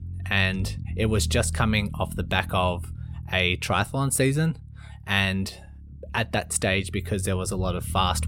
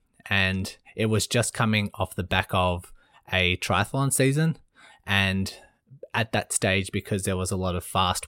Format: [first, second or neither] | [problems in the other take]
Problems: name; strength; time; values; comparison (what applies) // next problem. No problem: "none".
second | low rumble; faint; throughout; 25 dB below the speech